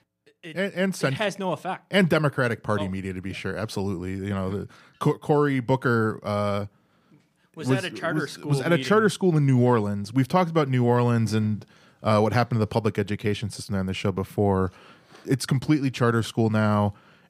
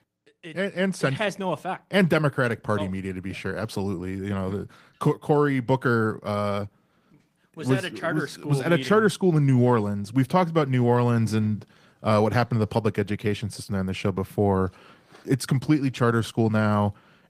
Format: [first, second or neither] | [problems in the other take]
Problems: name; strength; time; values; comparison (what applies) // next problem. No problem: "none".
first | garbled, watery; slightly; nothing above 15 kHz